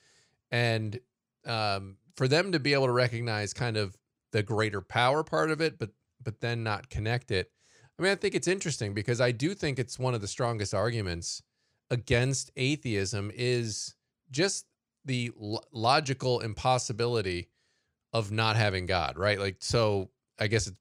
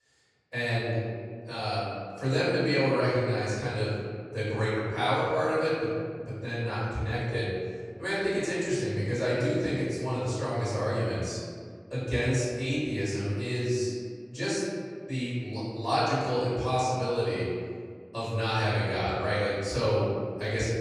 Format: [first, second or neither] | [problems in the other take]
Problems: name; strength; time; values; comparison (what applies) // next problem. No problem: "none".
first | off-mic speech; far // room echo; strong; dies away in 1.9 s